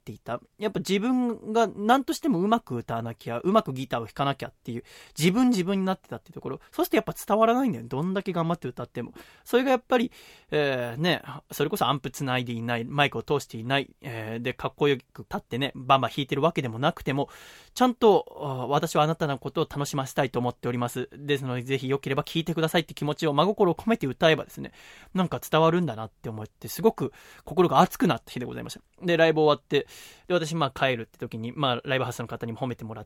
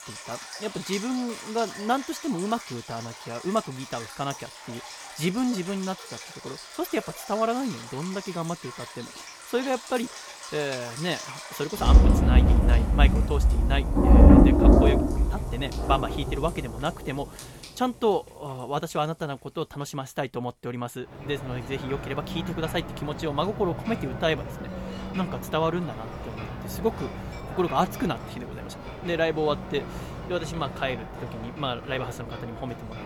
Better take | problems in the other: first | rain or running water; very loud; throughout; 5 dB above the speech

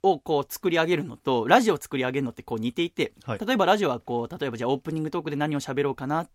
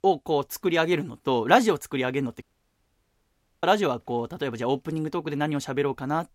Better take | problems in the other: first | audio cutting out; at 2.5 s for 1 s

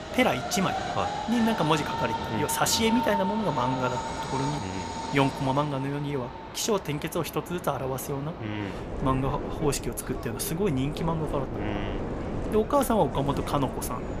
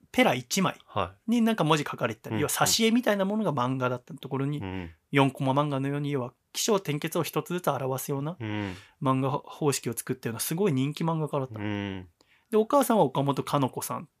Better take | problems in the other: second | train or aircraft noise; loud; throughout; 5 dB below the speech

